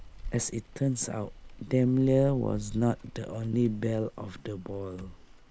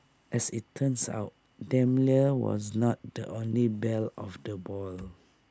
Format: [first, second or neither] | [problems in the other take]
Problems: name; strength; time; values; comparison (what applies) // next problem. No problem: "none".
second | background sound (Rain); 16 dB below the speech